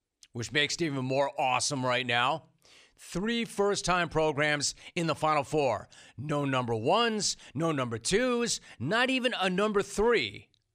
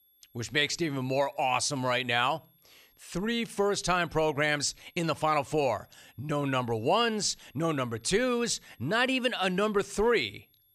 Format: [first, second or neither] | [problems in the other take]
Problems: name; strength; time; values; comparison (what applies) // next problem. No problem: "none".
first | high-pitched whine; faint; throughout; 11.5 kHz, 35 dB below the speech